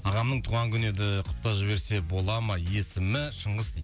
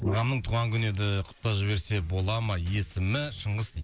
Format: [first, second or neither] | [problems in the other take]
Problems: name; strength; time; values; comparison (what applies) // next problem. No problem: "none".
first | noise reduction (neural mask model Resemble Enhance denoiser)